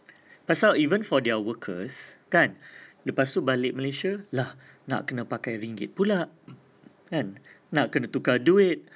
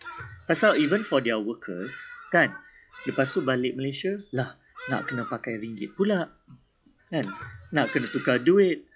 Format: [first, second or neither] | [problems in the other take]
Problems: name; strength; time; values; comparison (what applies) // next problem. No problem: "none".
first | noise reduction (classical method log-MMSE)